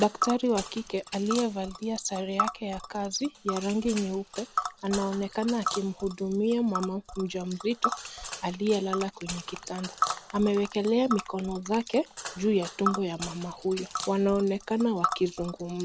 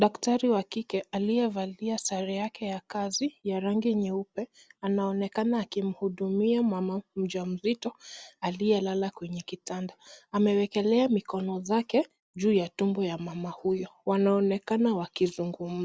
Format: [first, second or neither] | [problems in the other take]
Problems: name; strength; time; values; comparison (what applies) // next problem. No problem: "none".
second | background sound (Tick); 7 dB below the speech